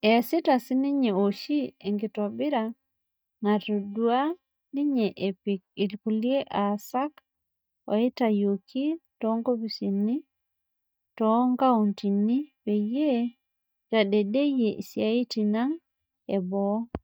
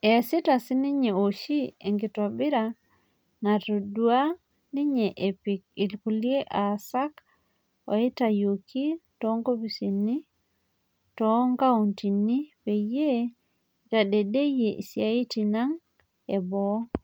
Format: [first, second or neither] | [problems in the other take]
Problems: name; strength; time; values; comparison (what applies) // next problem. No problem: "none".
second | noise reduction (neural mask model DeepFilterNet 3)